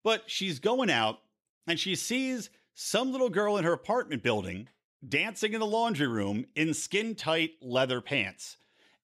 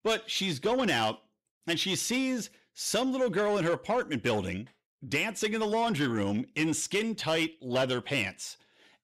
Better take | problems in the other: first | distortion; slight; 10 dB below the speech

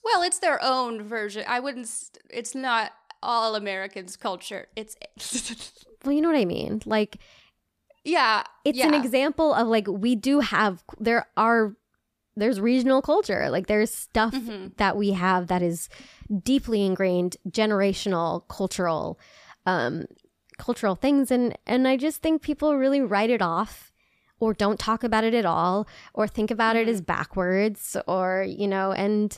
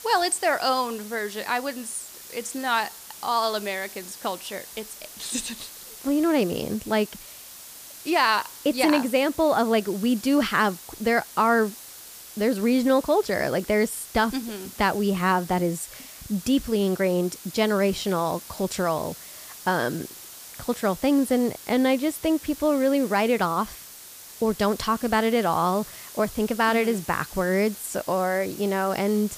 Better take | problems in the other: first | hiss; noticeable; throughout; 15 dB below the speech

